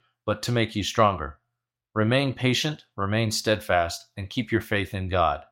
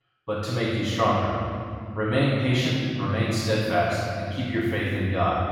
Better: first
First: none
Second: room echo; strong; dies away in 2.9 s // off-mic speech; far

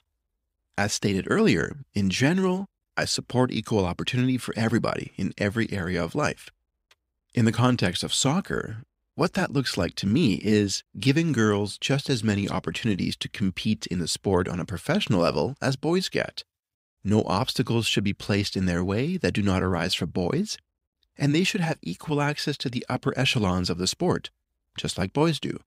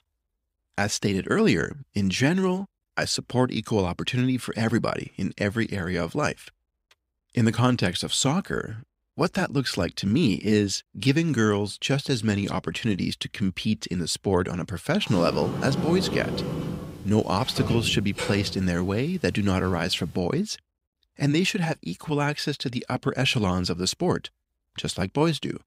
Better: first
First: none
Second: door banging; noticeable; from 15 to 20 s; peak 3 dB below the speech

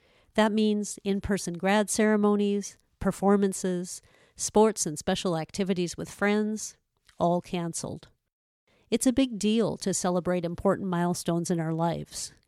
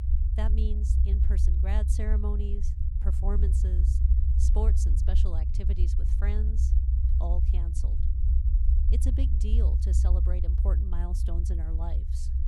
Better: first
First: none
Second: low rumble; loud; throughout; 2 dB below the speech

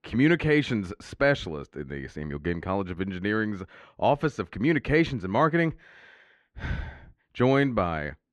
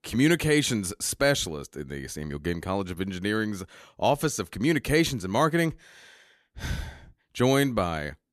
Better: second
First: muffled; very; fading above 2 kHz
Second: none

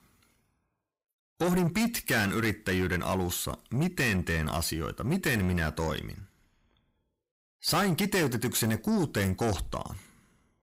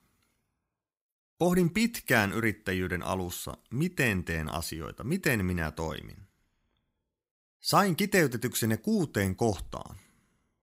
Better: second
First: distortion; heavy; 6 dB below the speech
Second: none

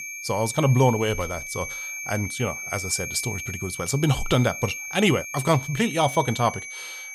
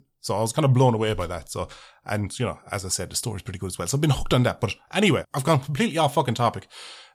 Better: second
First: high-pitched whine; loud; throughout; 2.5 kHz, 8 dB below the speech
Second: none

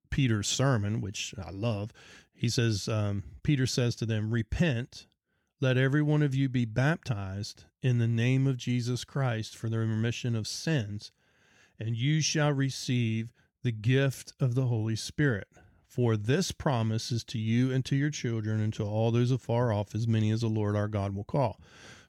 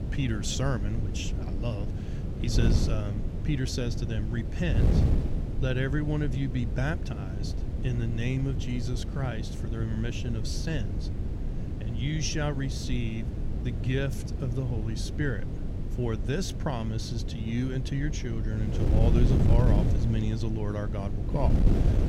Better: first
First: none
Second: wind noise on the microphone; heavy; 5 dB below the speech

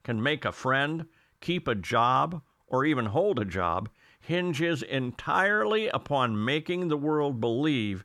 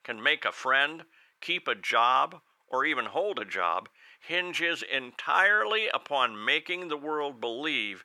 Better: first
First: none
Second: thin; very; fading below 500 Hz

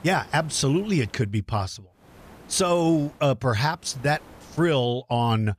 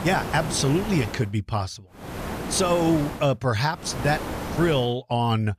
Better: first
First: hiss; faint; until 1 s, from 2 to 3 s and at 4 s; 25 dB below the speech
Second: hiss; loud; until 1 s, from 2 to 3 s and at 4 s; 8 dB below the speech

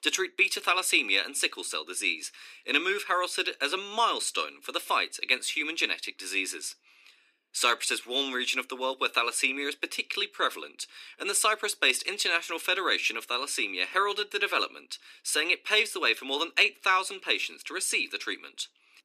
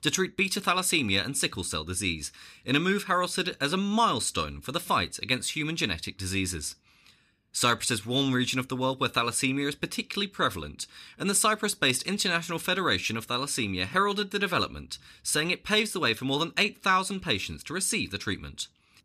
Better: second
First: thin; somewhat; fading below 300 Hz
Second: none

